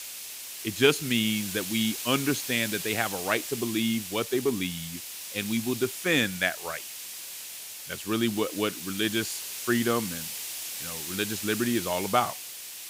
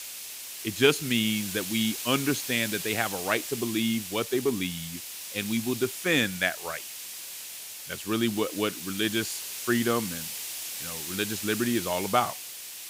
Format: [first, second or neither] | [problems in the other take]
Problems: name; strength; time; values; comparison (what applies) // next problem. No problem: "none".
neither | hiss; loud; throughout; 6 dB below the speech; the same in both